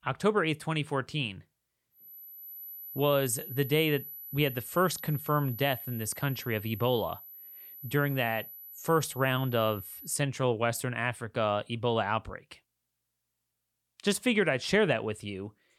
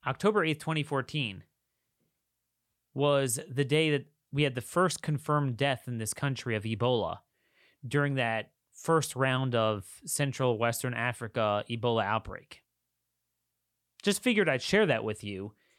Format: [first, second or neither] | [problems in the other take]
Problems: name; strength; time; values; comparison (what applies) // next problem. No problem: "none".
second | high-pitched whine; noticeable; from 2 to 10 s; 12 kHz, 10 dB below the speech